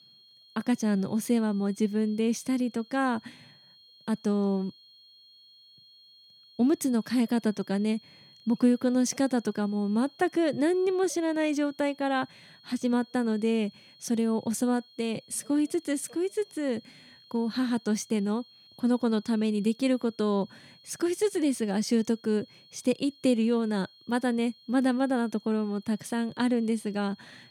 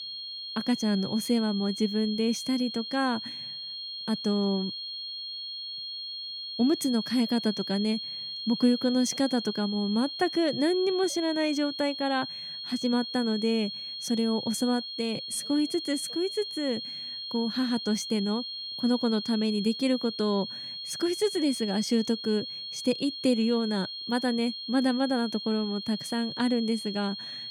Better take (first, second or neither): first